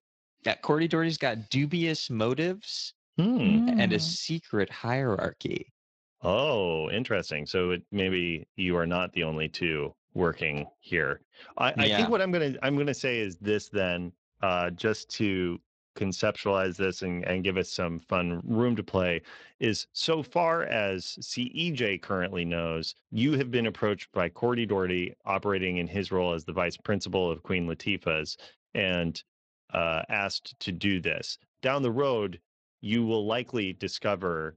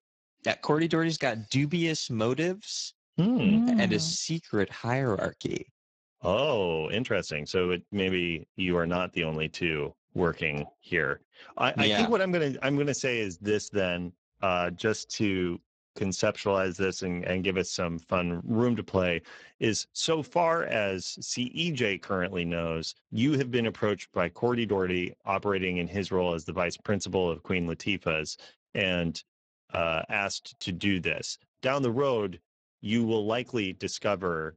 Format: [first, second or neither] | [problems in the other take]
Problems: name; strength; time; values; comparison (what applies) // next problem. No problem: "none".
first | garbled, watery; badly; nothing above 7.5 kHz; slightly in the first